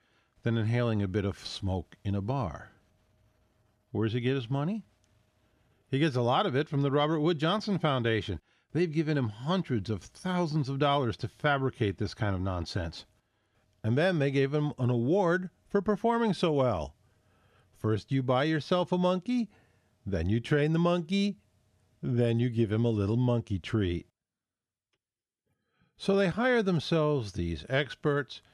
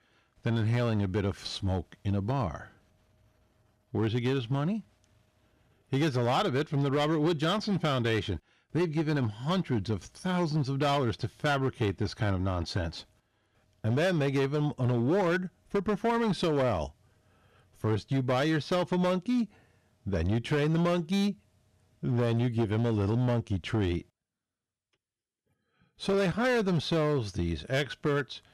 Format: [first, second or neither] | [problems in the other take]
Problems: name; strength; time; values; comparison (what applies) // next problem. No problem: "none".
first | distortion; slight; 10% of the sound clipped